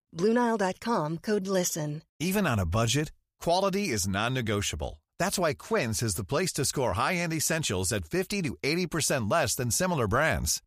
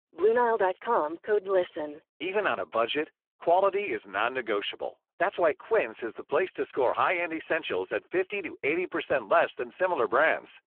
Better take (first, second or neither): first